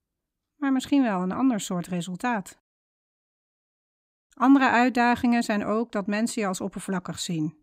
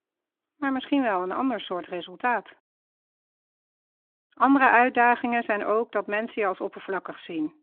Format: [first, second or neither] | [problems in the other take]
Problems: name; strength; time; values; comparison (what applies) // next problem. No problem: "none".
first | phone-call audio